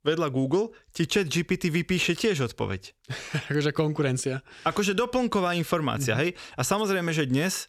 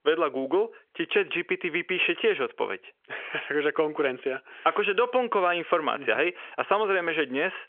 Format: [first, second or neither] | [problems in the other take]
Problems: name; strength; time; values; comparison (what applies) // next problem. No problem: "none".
first | phone-call audio; nothing above 3 kHz